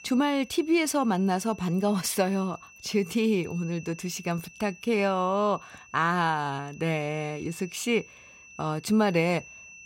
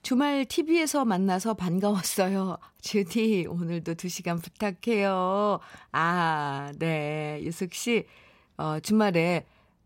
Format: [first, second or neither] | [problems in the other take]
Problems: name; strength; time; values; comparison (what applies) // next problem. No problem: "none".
second | high-pitched whine; faint; throughout; 2.5 kHz, 20 dB below the speech